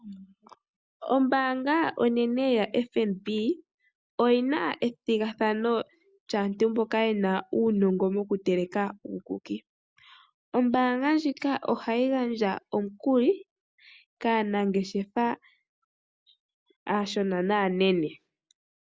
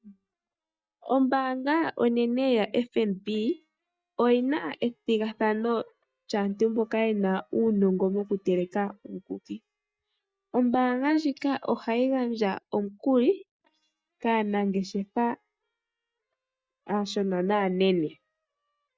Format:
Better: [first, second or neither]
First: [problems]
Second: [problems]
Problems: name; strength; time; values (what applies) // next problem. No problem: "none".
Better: first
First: none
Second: noise reduction (neural mask model DeepFilterNet 3)